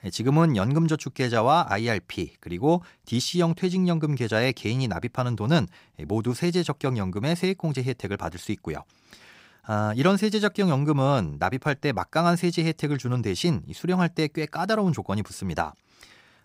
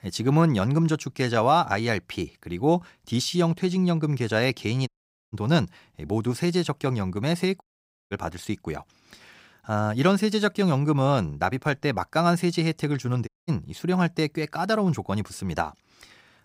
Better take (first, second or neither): first